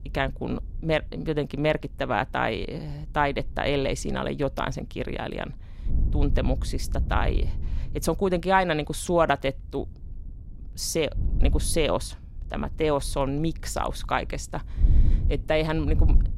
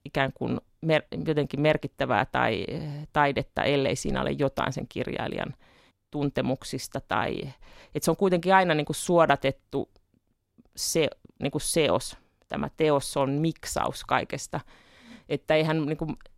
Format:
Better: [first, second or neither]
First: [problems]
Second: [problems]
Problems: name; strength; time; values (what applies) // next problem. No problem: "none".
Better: second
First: wind noise on the microphone; occasional gusts; 20 dB below the speech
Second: none